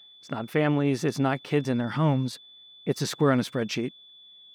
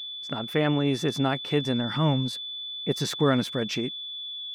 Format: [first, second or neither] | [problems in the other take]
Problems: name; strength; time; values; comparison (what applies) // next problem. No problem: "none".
first | high-pitched whine; loud; throughout; 3.5 kHz, 7 dB below the speech; faint in the first